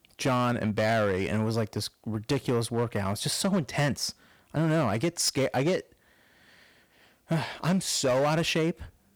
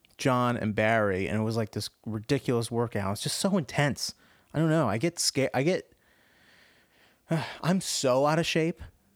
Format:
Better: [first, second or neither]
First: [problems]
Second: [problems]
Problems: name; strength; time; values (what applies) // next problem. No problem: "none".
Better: second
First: distortion; slight; 8% of the sound clipped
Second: none